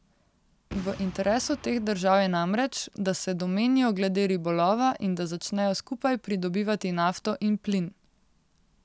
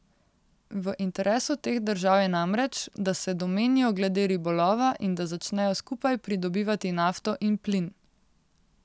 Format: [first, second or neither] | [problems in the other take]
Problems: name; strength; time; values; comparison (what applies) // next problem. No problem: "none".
second | background sound (Boom); 18 dB below the speech